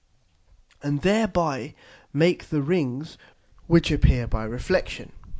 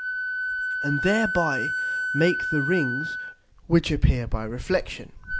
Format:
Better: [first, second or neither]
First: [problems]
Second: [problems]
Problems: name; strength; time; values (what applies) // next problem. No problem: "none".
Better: first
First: none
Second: background sound (Wind instrument, woodwind instrument); 4 dB below the speech